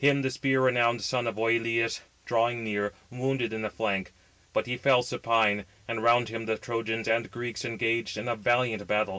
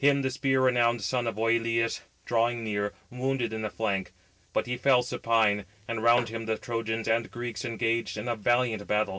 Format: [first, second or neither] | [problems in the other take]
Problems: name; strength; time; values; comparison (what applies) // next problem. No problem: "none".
first | noise reduction (neural separator model SepFormer DNS4)